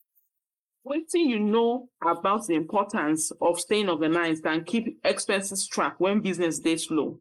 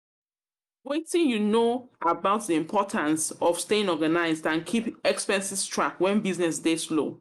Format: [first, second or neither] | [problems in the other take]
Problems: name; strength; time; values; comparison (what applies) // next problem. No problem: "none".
second | noise reduction (neural mask model Resemble Enhance denoiser)